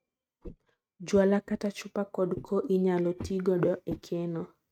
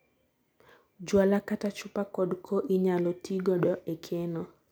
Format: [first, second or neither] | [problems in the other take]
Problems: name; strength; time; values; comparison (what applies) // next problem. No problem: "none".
second | noise reduction (neural mask model RNNoise)